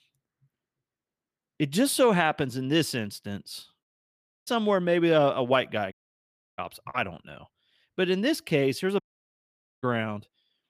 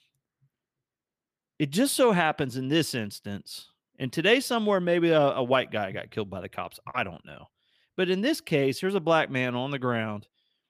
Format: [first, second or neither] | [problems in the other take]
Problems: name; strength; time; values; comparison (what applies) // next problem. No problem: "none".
second | audio cutting out; at 4 s for 0.5 s, at 6 s for 0.5 s and at 9 s for 1 s